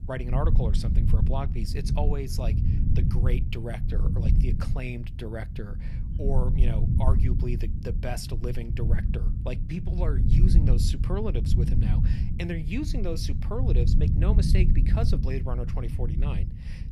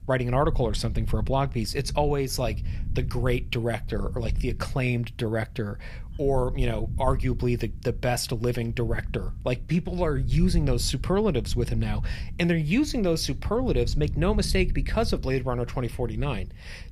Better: second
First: low rumble; loud; throughout; 4 dB below the speech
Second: low rumble; faint; throughout; 20 dB below the speech

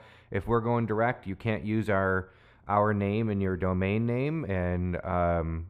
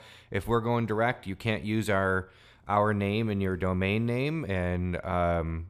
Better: second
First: muffled; slightly; fading above 3 kHz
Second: none

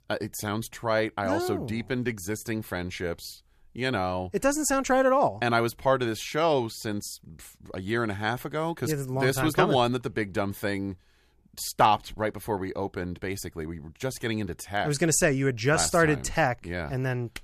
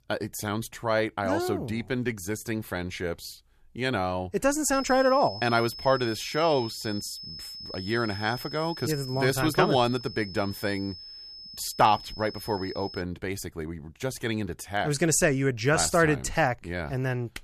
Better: first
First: none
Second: high-pitched whine; noticeable; from 4.5 to 13 s; 5 kHz, 10 dB below the speech

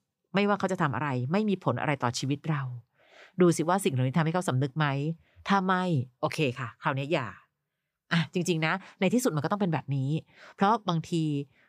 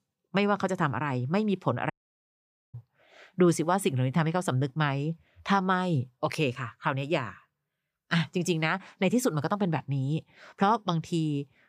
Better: first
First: none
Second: audio cutting out; at 2 s for 1 s

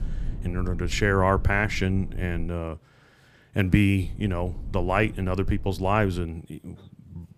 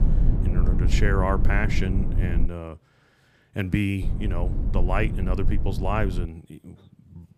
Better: first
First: low rumble; faint; until 2.5 s and from 4 to 6.5 s; 25 dB below the speech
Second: low rumble; loud; until 2.5 s and from 4 to 6.5 s; 9 dB below the speech

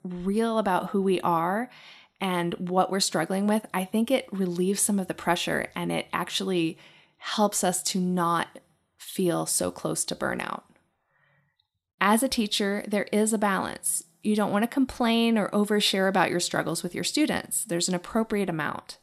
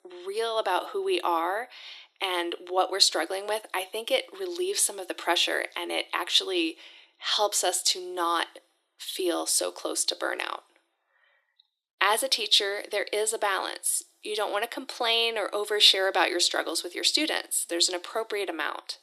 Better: first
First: none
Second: thin; very; fading below 350 Hz

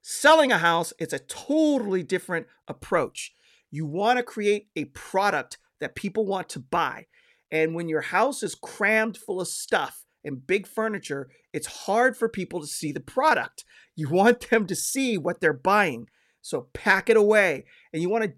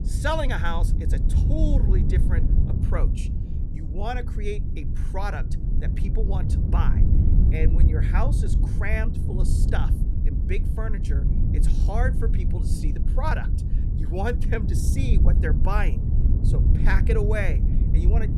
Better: first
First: none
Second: low rumble; loud; throughout; 6 dB below the speech

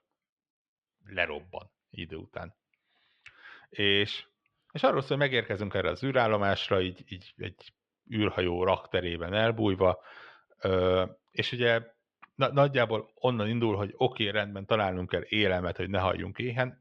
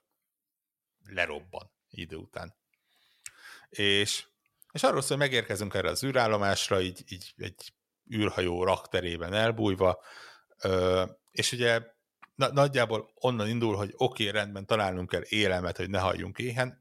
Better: second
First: muffled; slightly; fading above 3 kHz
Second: none

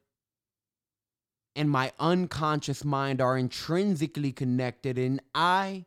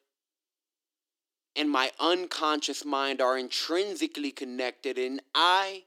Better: first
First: none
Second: thin; somewhat; fading below 300 Hz

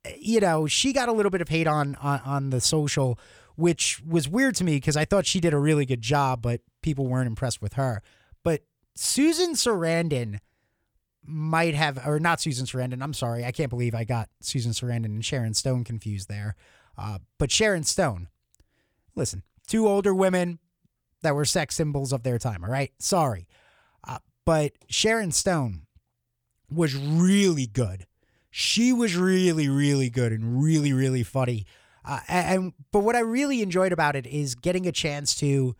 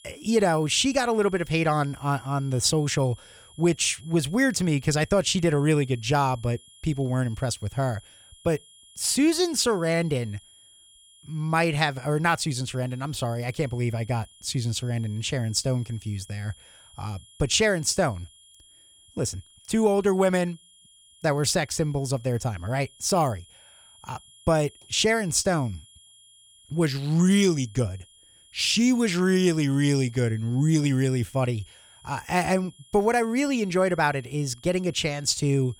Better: first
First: none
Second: high-pitched whine; faint; throughout; 3.5 kHz, 25 dB below the speech

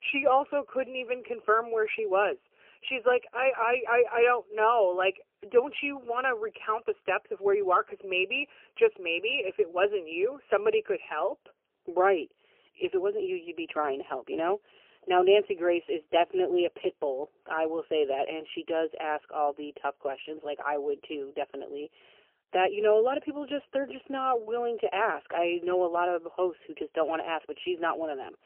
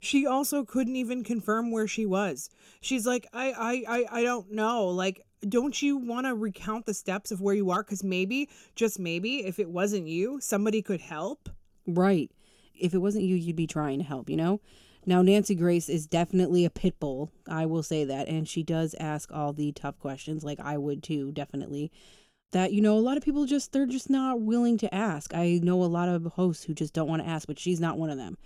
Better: second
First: phone-call audio; poor line; nothing above 3 kHz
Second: none

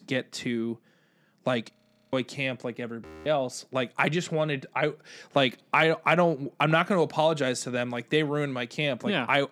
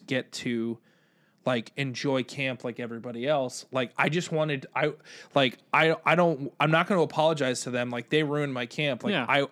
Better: second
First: audio freezing; at 1.5 s and at 3 s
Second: none

